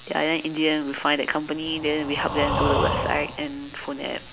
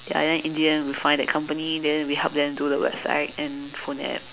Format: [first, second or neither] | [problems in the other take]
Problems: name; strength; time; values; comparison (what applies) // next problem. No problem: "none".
second | background sound (Breathing); 3 dB below the speech